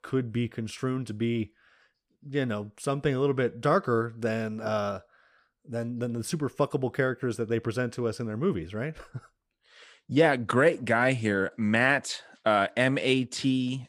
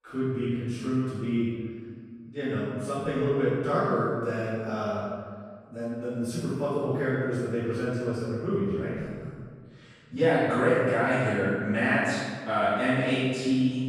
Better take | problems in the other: first | off-mic speech; far // room echo; strong; dies away in 1.6 s

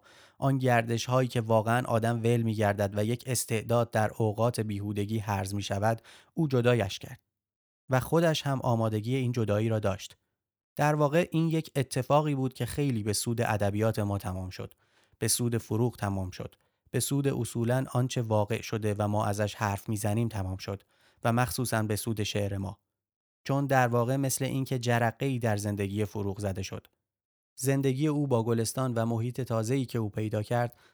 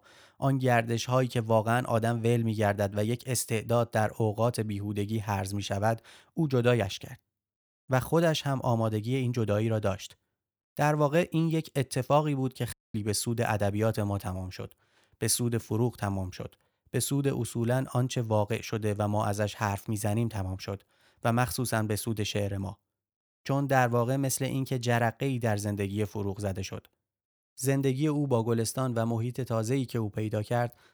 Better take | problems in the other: first | audio cutting out; at 13 s

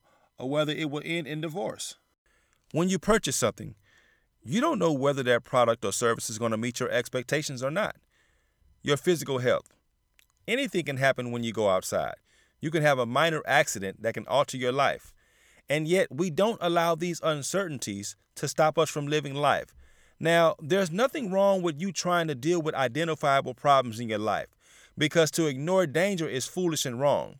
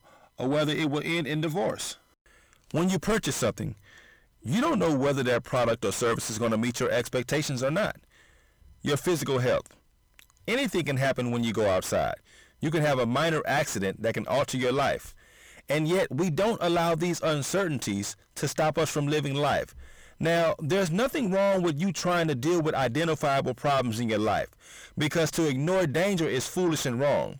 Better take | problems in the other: first | distortion; heavy; 6 dB below the speech

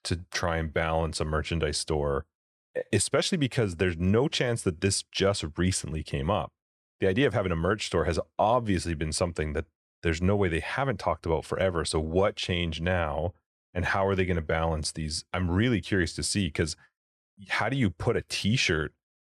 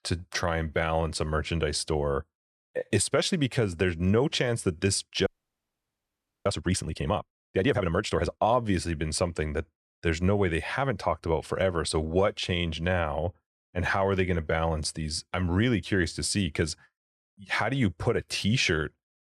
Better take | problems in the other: first | audio freezing; at 5.5 s for 1 s

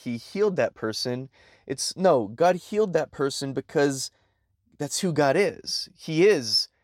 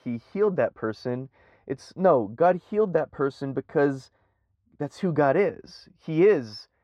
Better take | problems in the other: first | muffled; very; fading above 3.5 kHz

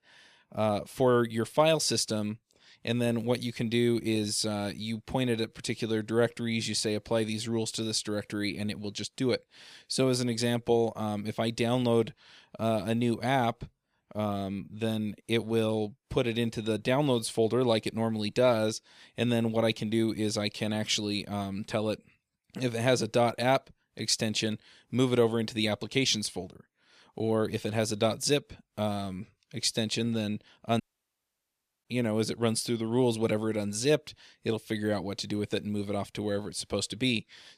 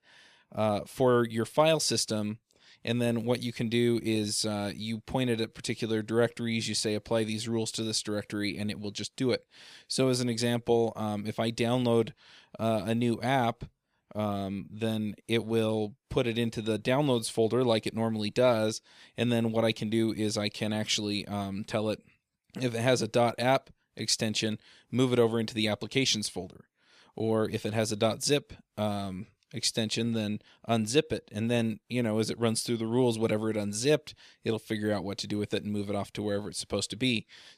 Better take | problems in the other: second | audio cutting out; at 31 s for 1 s

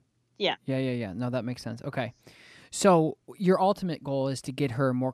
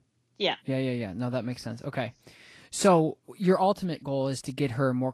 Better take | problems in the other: first | garbled, watery; slightly

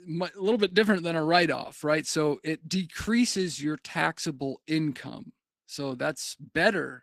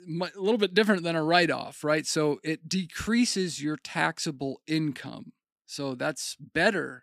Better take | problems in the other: second | garbled, watery; slightly

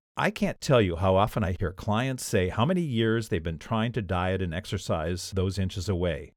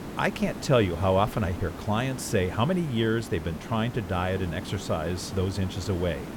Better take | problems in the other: first | hiss; noticeable; throughout; 10 dB below the speech

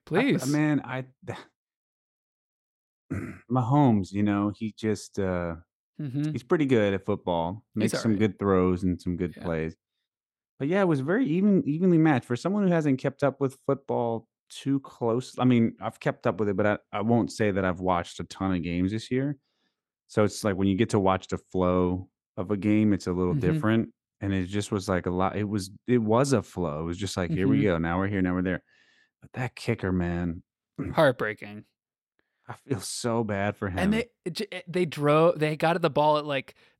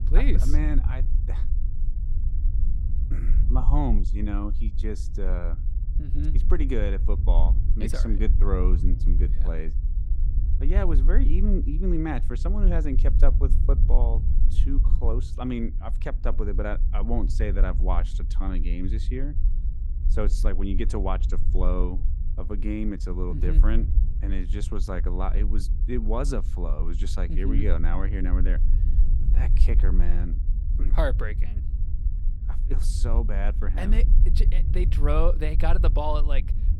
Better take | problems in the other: first | low rumble; noticeable; throughout; 10 dB below the speech

